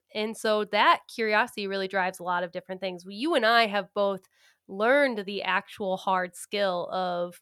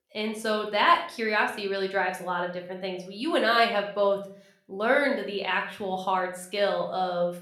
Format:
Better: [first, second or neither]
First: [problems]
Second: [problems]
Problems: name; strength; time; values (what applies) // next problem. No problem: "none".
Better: first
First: none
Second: room echo; slight; dies away in 0.4 s // off-mic speech; somewhat distant